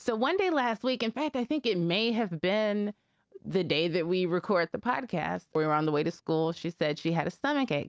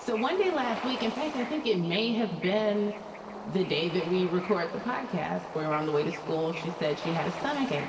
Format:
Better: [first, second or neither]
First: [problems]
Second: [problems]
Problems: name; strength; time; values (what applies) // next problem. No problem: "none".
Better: first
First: none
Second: background sound (Bird / Ocean); 11 dB below the speech // room echo; dies away in 2.5 s